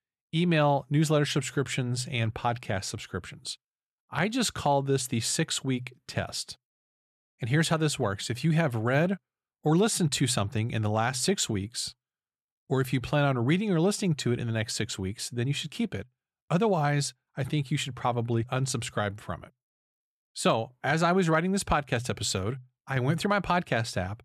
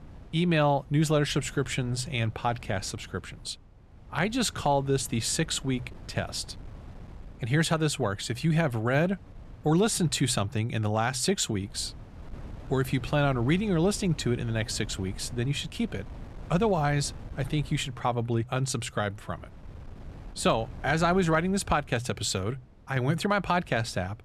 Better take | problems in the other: first | wind noise on the microphone; occasional gusts; 25 dB below the speech

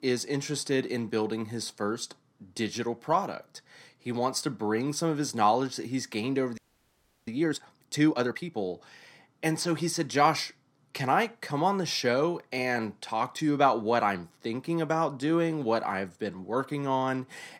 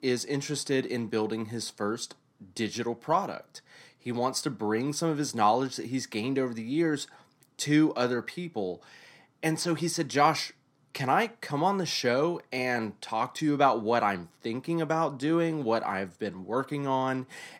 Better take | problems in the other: second | audio freezing; at 6.5 s for 0.5 s

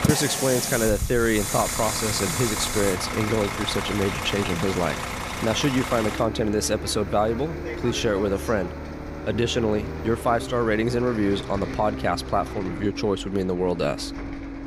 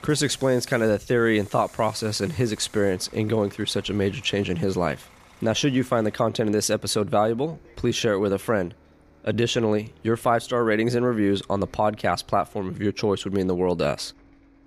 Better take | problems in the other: second | traffic noise; loud; throughout; 5 dB below the speech; faint in the second

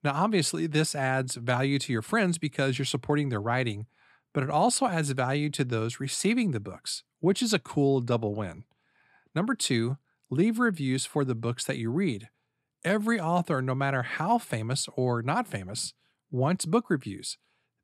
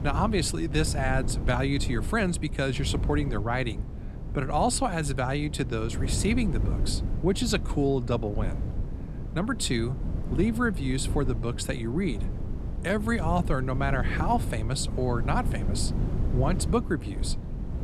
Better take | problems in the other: first | wind noise on the microphone; occasional gusts; 15 dB below the speech

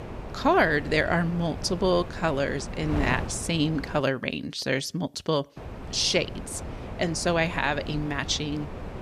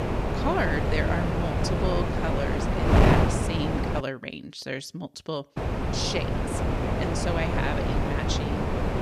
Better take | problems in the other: first | wind noise on the microphone; heavy; until 4 s and from 5.5 s on; 3 dB above the speech; occasional gusts in the first

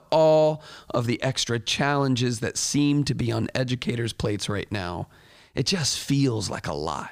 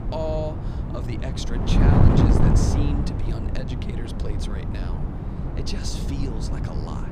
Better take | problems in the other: first | wind noise on the microphone; heavy; 2 dB above the speech

